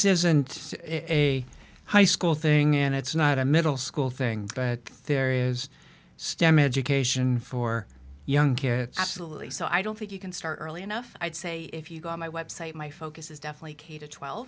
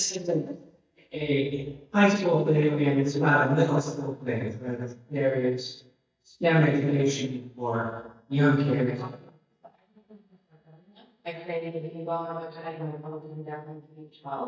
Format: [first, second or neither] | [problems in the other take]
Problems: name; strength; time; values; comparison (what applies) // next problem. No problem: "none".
first | noise reduction (neural mask model DeepFilterNet 3)